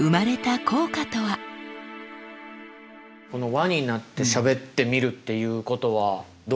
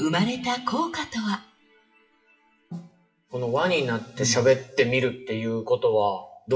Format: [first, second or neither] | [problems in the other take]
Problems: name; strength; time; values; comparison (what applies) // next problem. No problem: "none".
first | noise reduction (classical method WPE with log-MMSE)